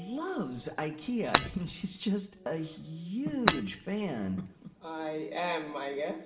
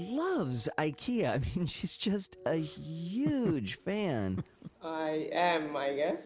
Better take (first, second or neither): second